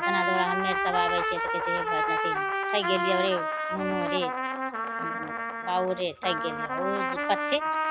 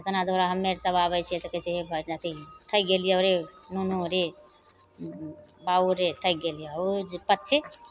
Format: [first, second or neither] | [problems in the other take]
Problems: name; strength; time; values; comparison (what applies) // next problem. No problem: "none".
second | background sound (Trumpet); 2 dB above the speech